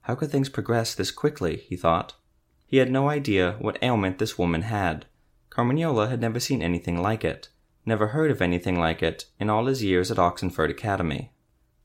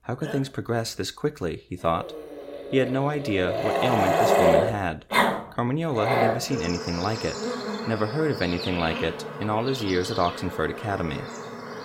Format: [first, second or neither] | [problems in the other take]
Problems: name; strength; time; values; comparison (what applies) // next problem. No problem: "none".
first | animal sounds; very loud; throughout; as loud as the speech